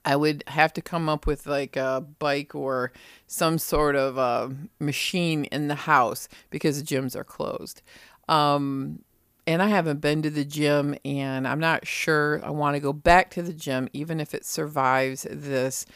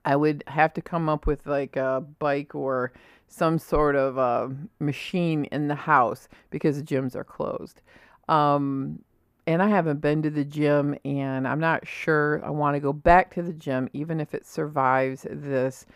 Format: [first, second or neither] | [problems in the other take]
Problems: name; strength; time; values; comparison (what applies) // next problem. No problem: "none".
first | muffled; slightly; fading above 3 kHz